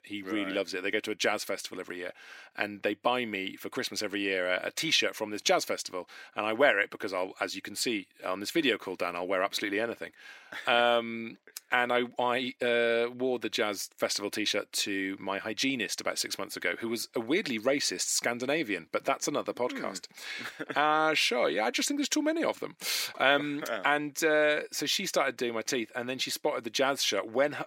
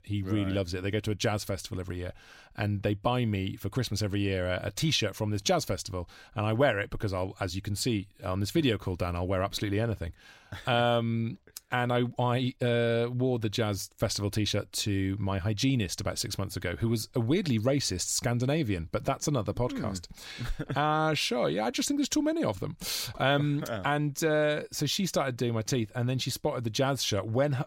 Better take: second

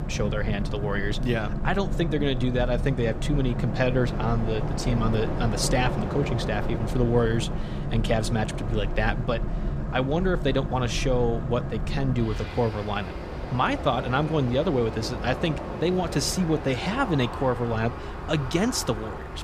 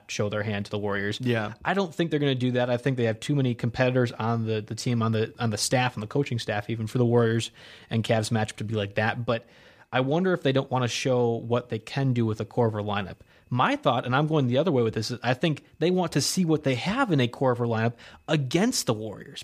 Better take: second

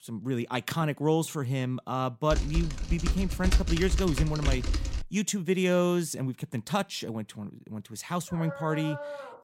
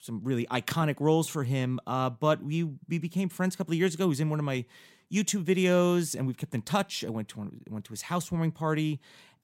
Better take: second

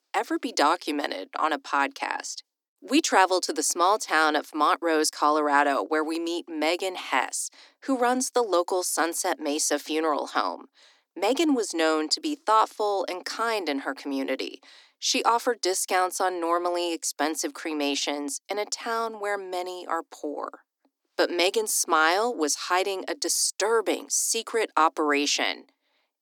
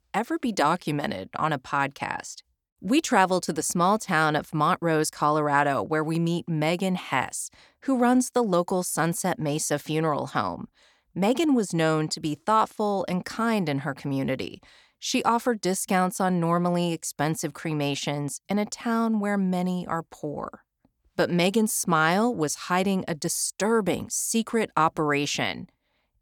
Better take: second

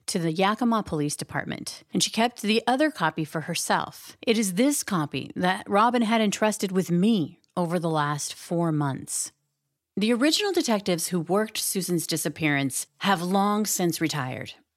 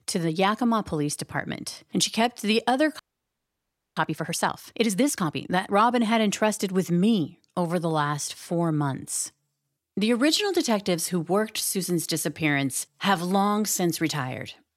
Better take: first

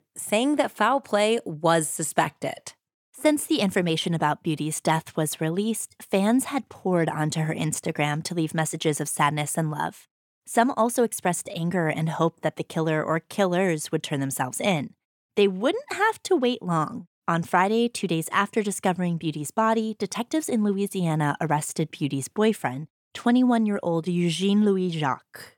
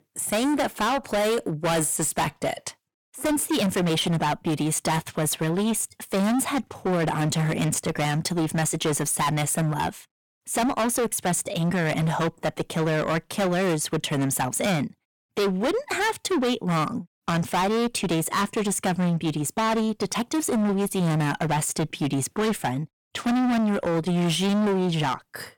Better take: first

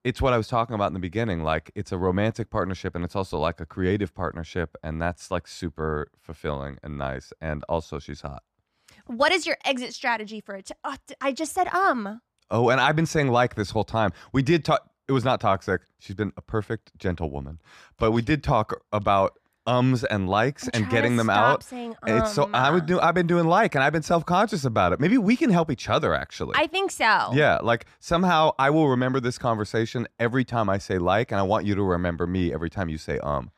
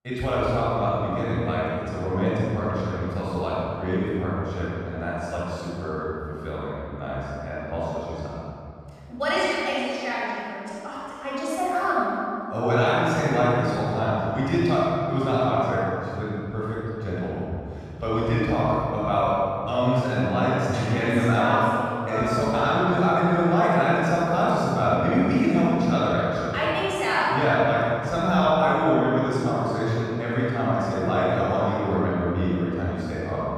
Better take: first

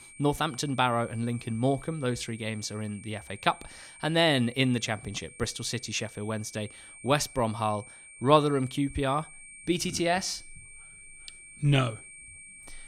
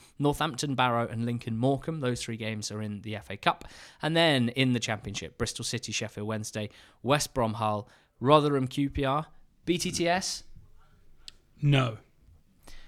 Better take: second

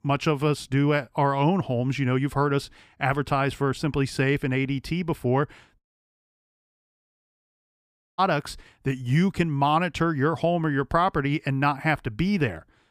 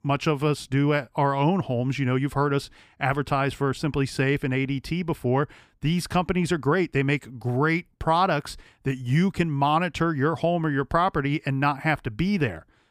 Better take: second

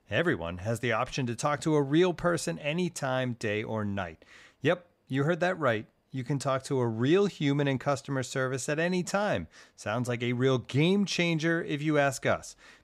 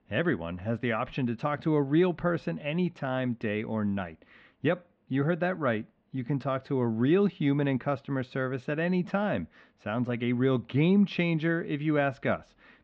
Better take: first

